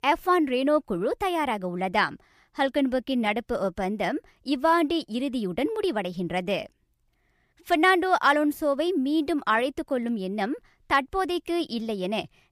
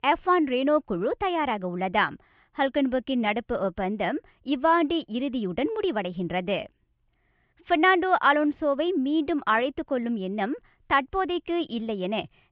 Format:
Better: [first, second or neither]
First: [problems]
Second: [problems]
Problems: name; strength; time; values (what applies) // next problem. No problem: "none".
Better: first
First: none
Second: muffled; very; fading above 3 kHz